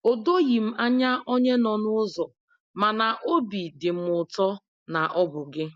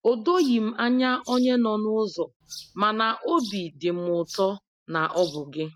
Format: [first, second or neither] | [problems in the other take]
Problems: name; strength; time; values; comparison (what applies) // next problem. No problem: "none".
first | noise reduction (neural mask model RNNoise)